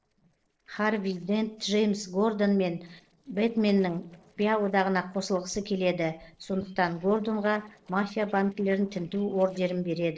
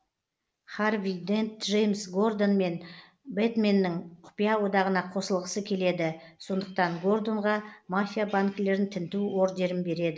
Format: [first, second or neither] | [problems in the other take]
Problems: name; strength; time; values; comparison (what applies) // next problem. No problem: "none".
second | noise reduction (neural separator model SepFormer DNS4)